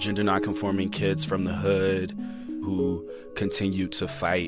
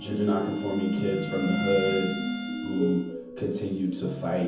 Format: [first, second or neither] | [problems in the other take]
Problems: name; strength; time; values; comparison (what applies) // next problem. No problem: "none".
first | background sound (Bowed string instrument); 13 dB below the speech // room echo; dies away in 0.7 s